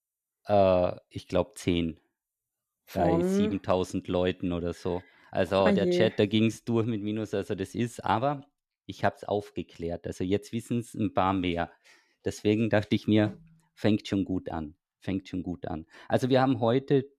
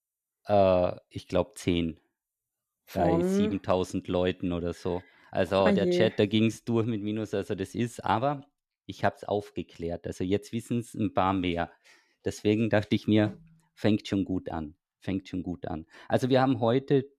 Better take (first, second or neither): neither